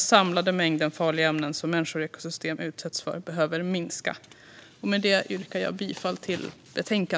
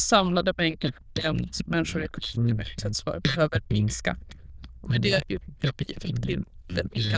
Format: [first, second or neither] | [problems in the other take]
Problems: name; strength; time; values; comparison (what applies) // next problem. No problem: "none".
first | noise reduction (neural diffusion model UNIVERSE++)